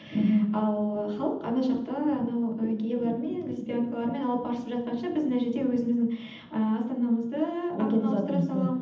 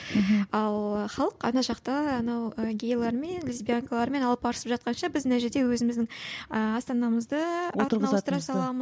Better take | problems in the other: second | room echo; dies away in 0.8 s

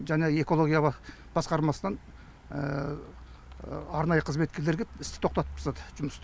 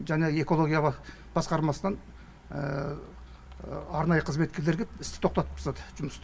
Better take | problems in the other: first | room echo; dies away in 0.3 s

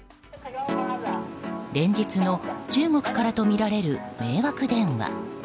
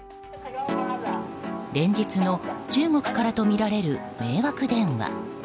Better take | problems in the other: first | background sound (Wind instrument, woodwind instrument); 19 dB below the speech

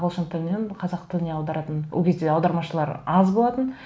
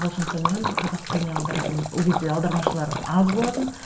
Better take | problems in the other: first | background sound (Splash, splatter); 5 dB below the speech // room echo; dies away in 2.1 s

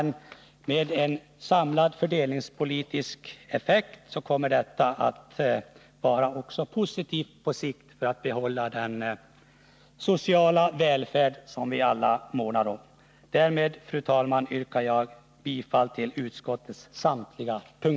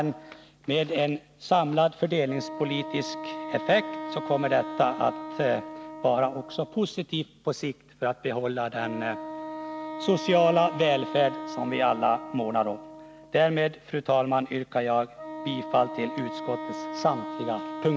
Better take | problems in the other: first | background sound (Wind instrument, woodwind instrument); 11 dB below the speech

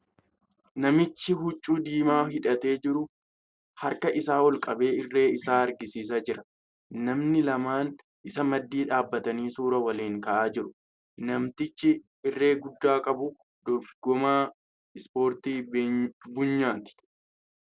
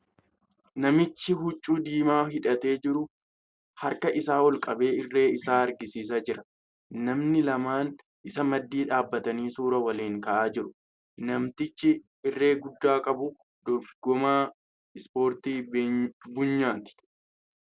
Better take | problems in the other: second | noise reduction (neural separator model SepFormer DNS4)

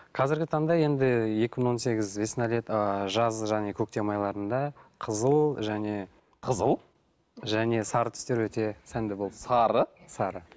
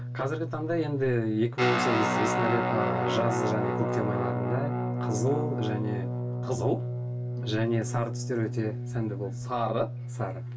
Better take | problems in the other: first | background sound (Guitar); 1 dB above the speech // room echo; dies away in 0.1 s

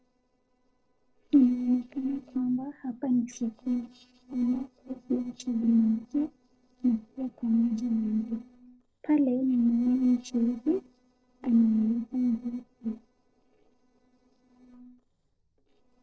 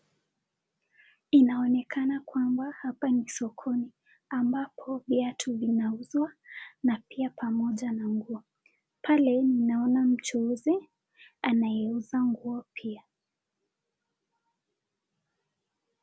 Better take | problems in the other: second | noise reduction (neural separator model SepFormer DNS4)

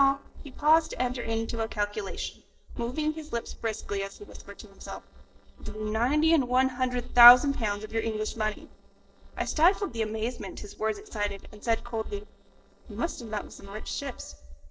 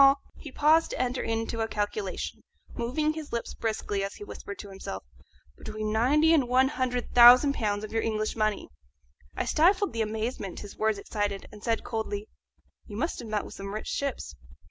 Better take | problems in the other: second | noise reduction (neural separator model SepFormer DNS4)

